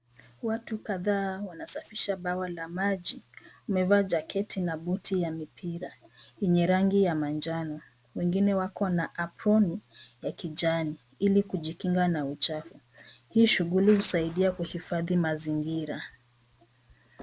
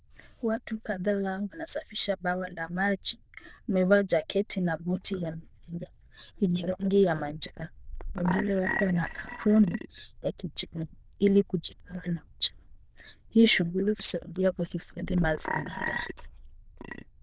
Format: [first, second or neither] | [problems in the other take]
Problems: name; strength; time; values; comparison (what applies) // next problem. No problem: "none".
first | noise reduction (neural diffusion model UNIVERSE++)